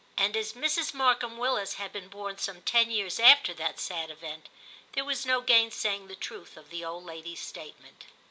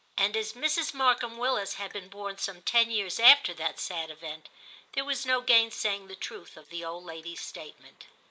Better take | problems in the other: first | noise reduction (neural mask model Resemble Enhance denoiser)

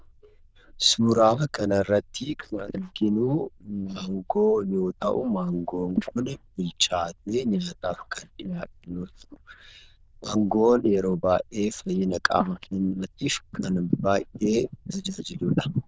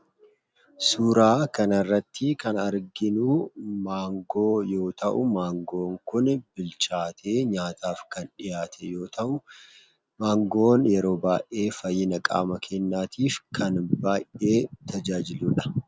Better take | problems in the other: second | noise reduction (neural diffusion model UNIVERSE++)

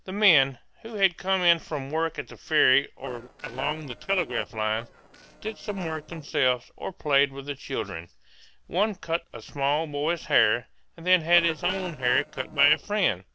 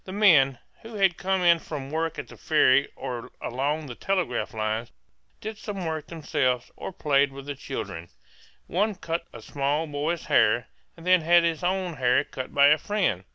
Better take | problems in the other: second | noise reduction (neural separator model SepFormer DNS4)

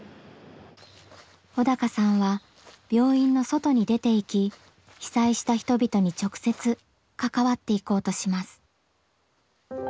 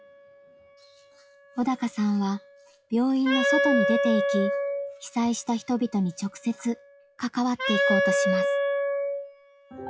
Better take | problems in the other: first | noise reduction (classical method log-MMSE)

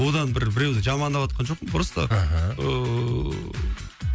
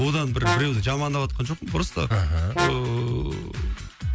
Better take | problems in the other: first | background sound (Brass instrument); 7 dB below the speech

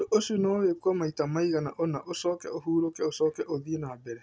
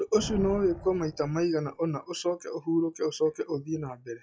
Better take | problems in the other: first | noise reduction (classical method log-MMSE)

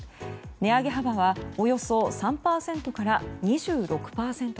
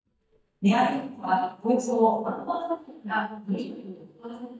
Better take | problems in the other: first | noise reduction (neural mask model DeepFilterNet 3)

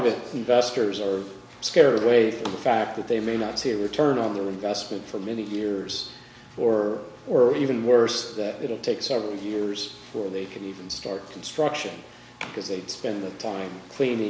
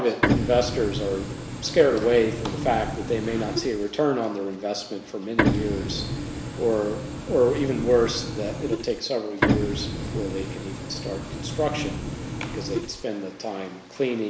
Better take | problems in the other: first | background sound (Printer); 2 dB below the speech

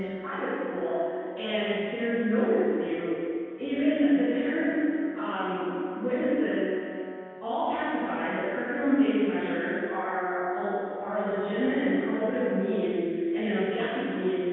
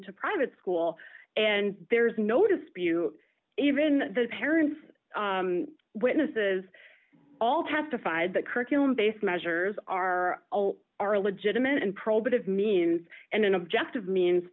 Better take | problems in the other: second | background sound (Brass instrument); 18 dB below the speech // room echo; dies away in 2.1 s

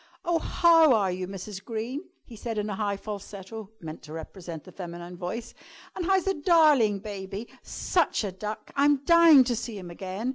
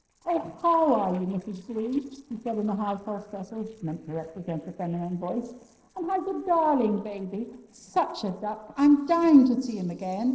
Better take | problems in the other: first | noise reduction (neural separator model SepFormer DNS4)

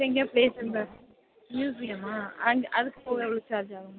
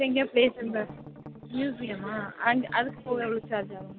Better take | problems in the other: first | background sound (Strum); 16 dB below the speech

